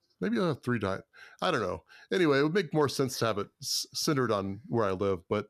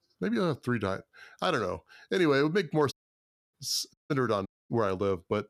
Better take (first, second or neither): first